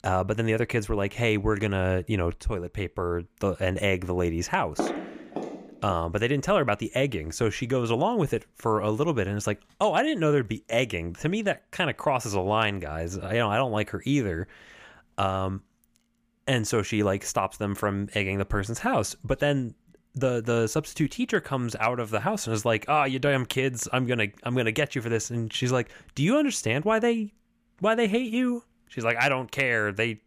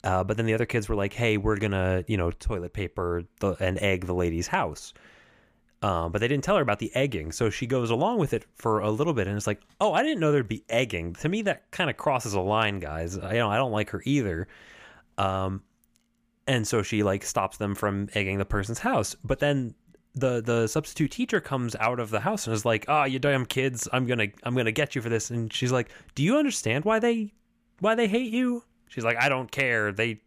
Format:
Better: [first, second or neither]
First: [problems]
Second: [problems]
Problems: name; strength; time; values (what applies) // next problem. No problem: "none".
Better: second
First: footsteps; noticeable; from 5 to 6 s; peak 4 dB below the speech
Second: none